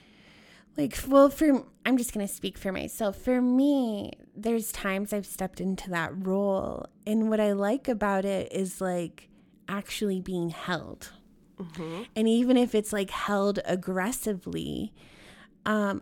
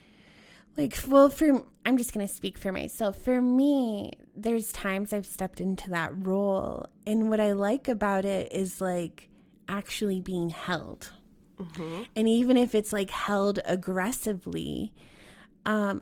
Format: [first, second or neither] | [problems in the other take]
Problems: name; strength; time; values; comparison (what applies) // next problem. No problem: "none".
first | garbled, watery; slightly; nothing above 17 kHz